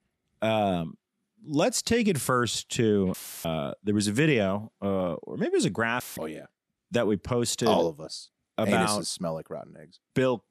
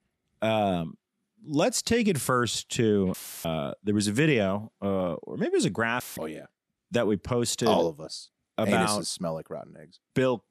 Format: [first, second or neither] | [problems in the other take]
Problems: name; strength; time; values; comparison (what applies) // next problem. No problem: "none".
neither | audio cutting out; filled with static; at 3 s and at 6 s; the same in both